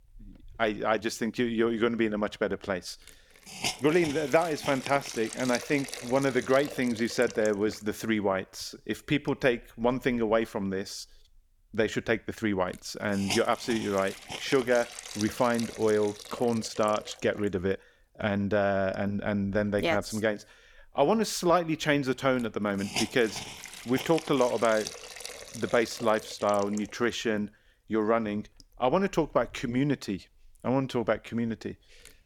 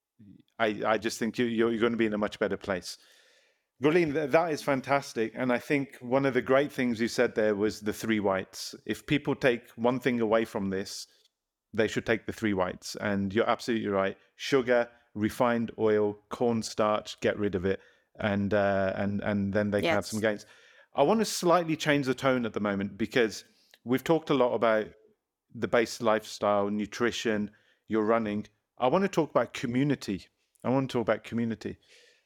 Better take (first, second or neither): second